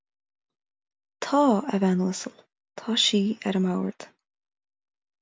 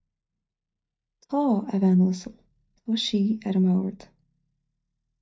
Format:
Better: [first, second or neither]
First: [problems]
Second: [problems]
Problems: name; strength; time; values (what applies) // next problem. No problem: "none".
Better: first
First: none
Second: noise reduction (neural mask model DeepFilterNet 3)